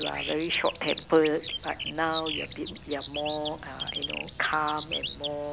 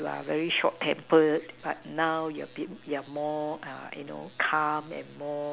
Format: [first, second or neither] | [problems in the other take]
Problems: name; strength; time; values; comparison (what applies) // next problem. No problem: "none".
second | background sound (Bird vocalization, bird call, bird song); 7 dB below the speech